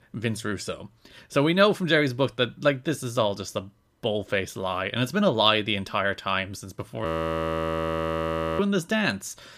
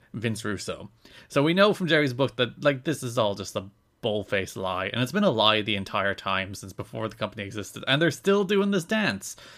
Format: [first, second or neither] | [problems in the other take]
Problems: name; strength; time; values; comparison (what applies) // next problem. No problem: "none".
second | audio freezing; at 7 s for 1.5 s